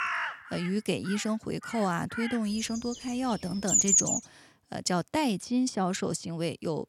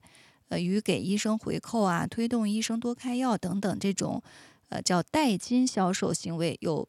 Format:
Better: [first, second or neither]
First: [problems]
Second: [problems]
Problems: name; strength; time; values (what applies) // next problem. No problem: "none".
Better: second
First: animal sounds; very loud; until 4 s; 5 dB above the speech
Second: none